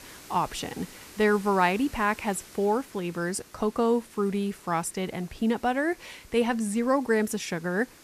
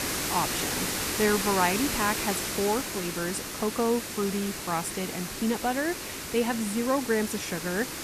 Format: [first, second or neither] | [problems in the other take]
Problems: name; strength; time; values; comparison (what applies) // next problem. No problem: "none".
first | hiss; loud; throughout; 2 dB below the speech; faint in the first